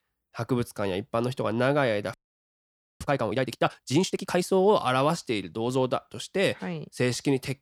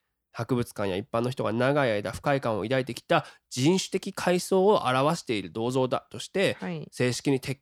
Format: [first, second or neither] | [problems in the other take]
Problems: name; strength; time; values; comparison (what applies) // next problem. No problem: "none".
second | audio freezing; at 2 s for 1 s